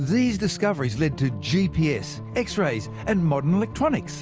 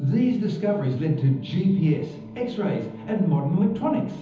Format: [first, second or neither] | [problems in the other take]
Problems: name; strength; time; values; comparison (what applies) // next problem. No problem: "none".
first | room echo; dies away in 1.3 s